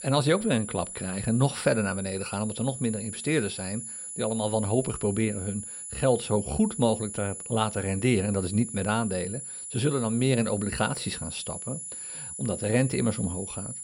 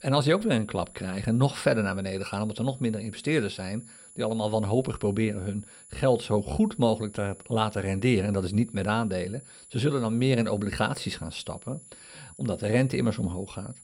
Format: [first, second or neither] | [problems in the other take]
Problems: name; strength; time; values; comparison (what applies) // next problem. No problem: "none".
second | high-pitched whine; loud; throughout; 10 kHz, 8 dB below the speech; faint in the second